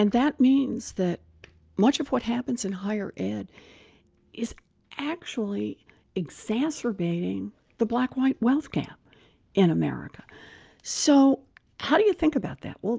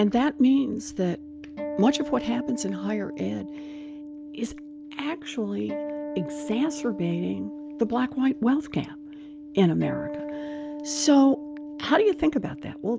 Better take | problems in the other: first | background sound (Acoustic guitar); 10 dB below the speech

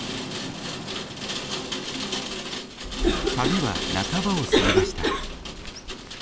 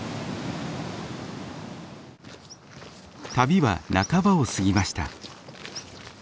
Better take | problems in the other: second | background sound (Rain + Cough); 4 dB above the speech

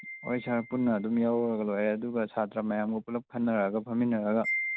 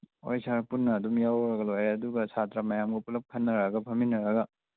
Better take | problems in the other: second | background sound (Wind chime); 12 dB below the speech

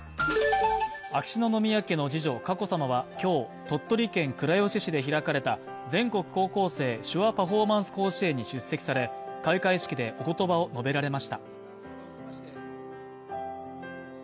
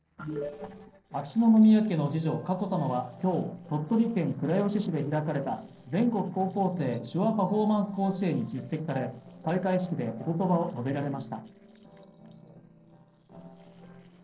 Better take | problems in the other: first | noise reduction (neural separator model SepFormer DNS4)

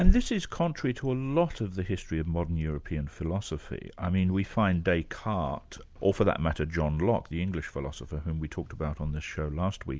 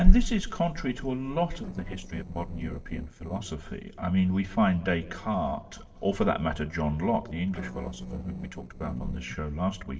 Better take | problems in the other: first | noise reduction (neural separator model SepFormer DNS4)

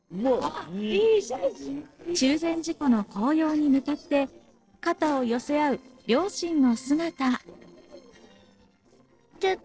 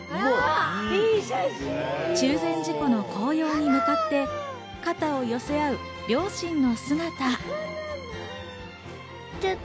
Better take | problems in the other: second | noise reduction (neural separator model SepFormer DNS4)

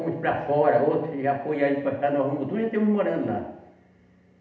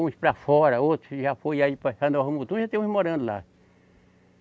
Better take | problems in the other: second | room echo; dies away in 0.8 s

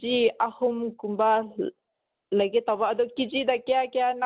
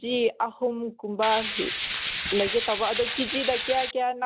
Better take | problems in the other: first | background sound (Tools); 4 dB below the speech

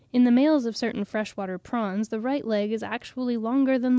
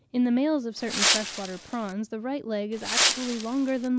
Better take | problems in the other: first | background sound (Wind); 1 dB above the speech

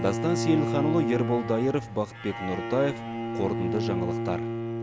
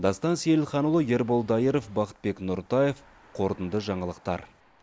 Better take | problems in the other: second | background sound (Bowed string instrument); 2 dB below the speech

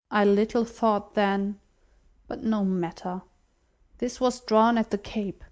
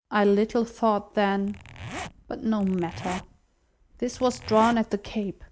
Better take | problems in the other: first | background sound (Zipper (clothing)); 14 dB below the speech

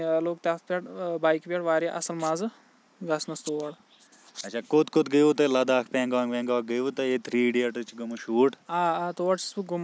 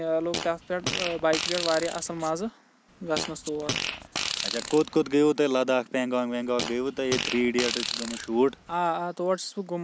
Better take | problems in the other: first | background sound (Fart); 7 dB below the speech

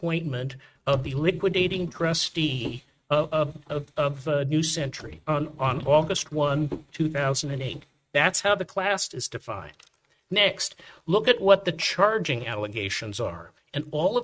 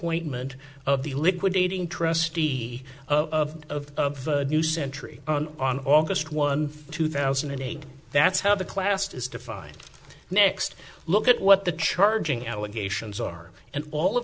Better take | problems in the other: second | noise reduction (neural mask model RNNoise)

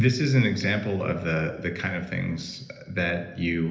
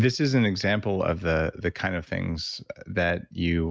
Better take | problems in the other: second | room echo; dies away in 1 s

